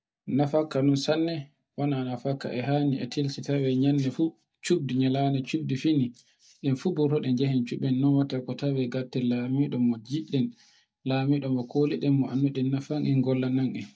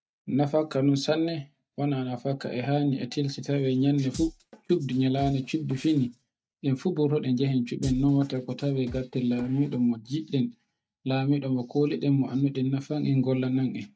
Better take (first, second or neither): first